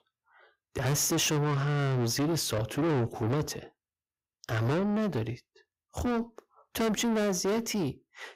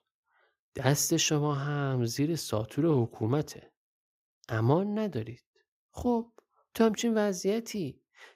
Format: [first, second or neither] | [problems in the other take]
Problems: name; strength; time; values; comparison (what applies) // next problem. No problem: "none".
second | distortion; heavy; 6 dB below the speech